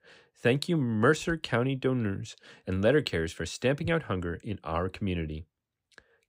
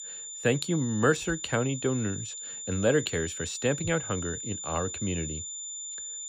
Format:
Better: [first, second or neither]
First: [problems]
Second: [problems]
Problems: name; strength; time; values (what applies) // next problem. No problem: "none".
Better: first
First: none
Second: high-pitched whine; loud; throughout; 7 kHz, 6 dB below the speech